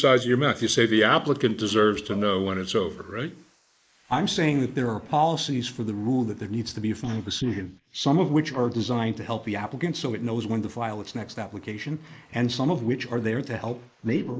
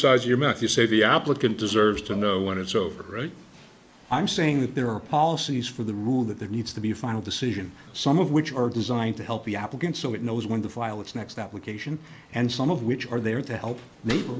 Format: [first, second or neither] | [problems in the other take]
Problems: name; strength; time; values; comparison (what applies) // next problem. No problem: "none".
second | noise reduction (neural mask model Resemble Enhance denoiser)